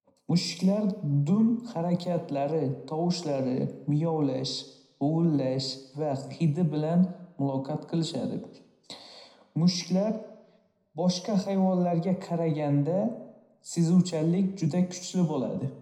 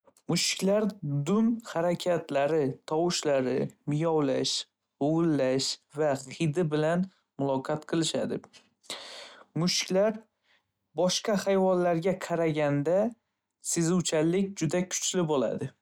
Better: second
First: room echo; dies away in 0.8 s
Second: none

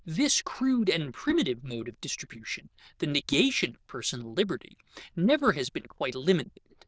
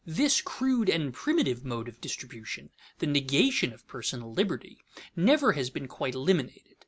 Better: second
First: noise reduction (neural diffusion model UNIVERSE++)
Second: none

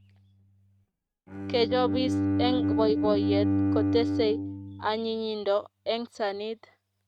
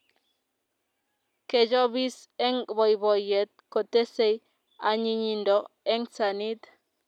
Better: second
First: noise reduction (neural mask model RNNoise)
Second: none

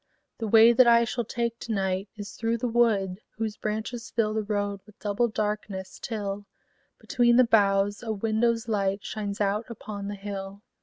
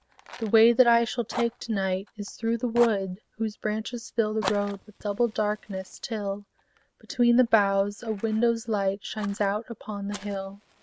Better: first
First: none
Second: background sound (Fire); 17 dB below the speech

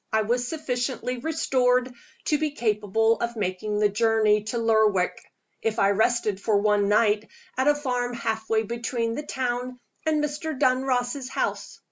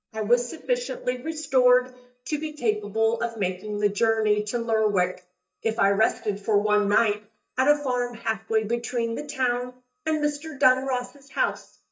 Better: first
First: none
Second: noise reduction (neural mask model DeepFilterNet 3)

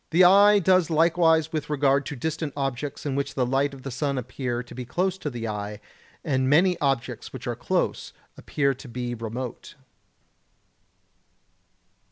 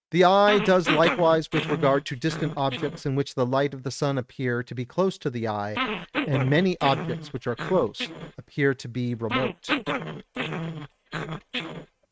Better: first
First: none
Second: noise reduction (neural mask model RNNoise)

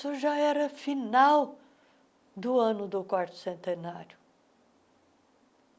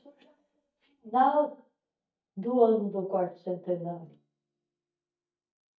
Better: first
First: none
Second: noise reduction (neural mask model DeepFilterNet 3)

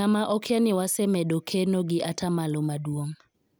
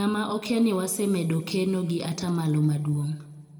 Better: first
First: none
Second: room echo; dies away in 1.8 s

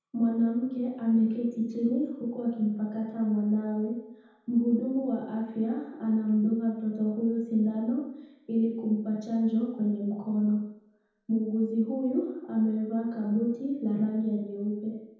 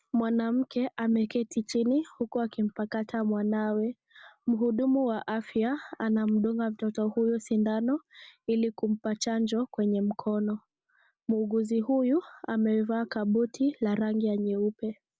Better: second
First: room echo; dies away in 0.9 s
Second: none

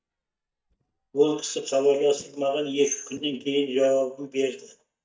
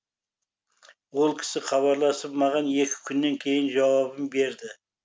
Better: second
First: noise reduction (neural mask model DeepFilterNet 3)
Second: none

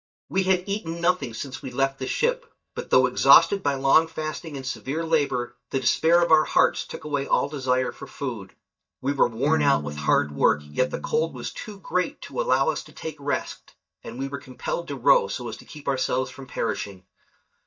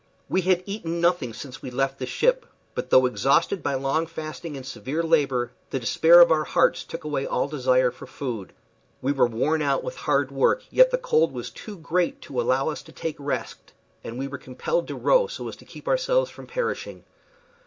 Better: second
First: noise reduction (neural mask model DeepFilterNet 3)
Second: none

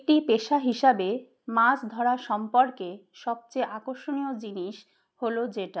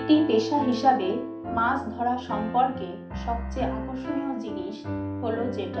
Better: first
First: none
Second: background sound (Piano); 6 dB below the speech // room echo; dies away in 0.4 s

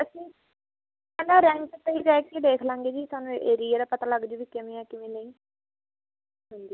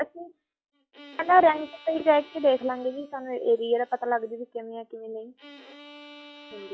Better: first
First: none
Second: noise reduction (classical method log-MMSE)

